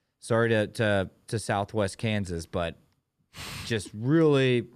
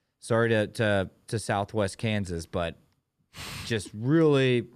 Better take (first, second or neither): neither